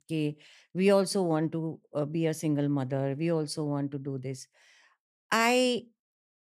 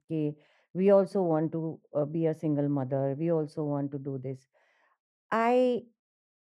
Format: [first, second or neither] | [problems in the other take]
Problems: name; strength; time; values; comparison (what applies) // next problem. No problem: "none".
first | muffled; very; fading above 2.5 kHz